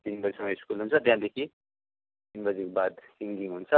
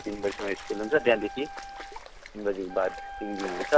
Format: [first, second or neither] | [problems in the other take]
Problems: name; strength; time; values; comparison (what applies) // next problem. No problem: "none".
first | background sound (Stream + Wind instrument, woodwind instrument); 11 dB below the speech